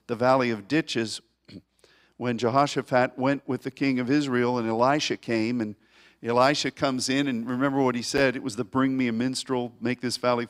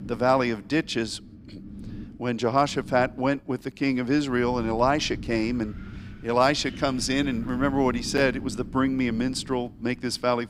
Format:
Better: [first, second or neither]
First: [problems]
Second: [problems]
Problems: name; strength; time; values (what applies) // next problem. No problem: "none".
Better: first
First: none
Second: wind noise on the microphone; occasional gusts; 20 dB below the speech